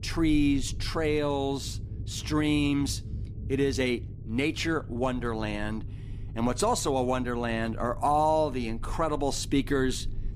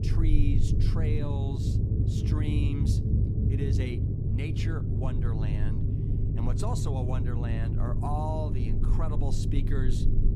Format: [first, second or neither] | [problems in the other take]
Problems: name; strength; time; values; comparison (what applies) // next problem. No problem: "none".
first | low rumble; loud; throughout; 1 dB below the speech; faint in the first